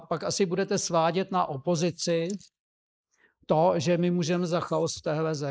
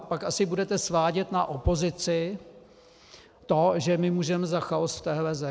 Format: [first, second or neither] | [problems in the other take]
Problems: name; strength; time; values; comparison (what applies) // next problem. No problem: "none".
second | noise reduction (neural mask model Resemble Enhance denoiser)